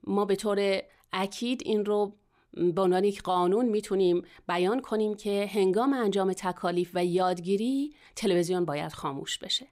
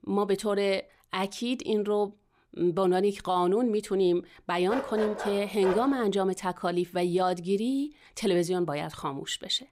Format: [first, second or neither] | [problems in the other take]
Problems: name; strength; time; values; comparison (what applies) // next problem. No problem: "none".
first | dog barking; noticeable; from 4.5 to 6 s; peak 6 dB below the speech